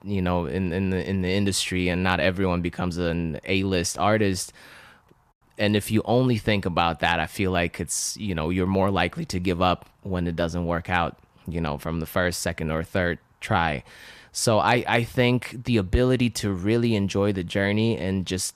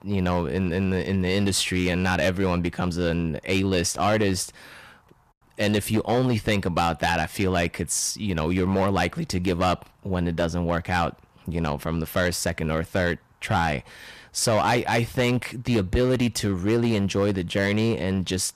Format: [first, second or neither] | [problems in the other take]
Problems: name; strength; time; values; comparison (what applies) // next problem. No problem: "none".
first | distortion; slight; 8% of the sound clipped